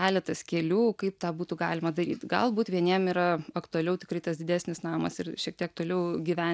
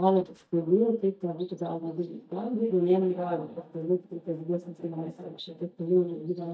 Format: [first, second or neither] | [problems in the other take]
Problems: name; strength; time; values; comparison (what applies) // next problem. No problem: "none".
first | noise reduction (neural mask model DeepFilterNet 3)